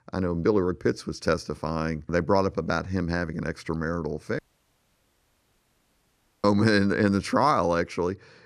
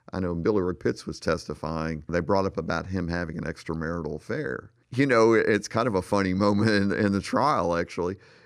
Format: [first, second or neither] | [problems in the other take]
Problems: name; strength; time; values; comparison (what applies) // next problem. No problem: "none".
second | audio cutting out; at 4.5 s for 2 s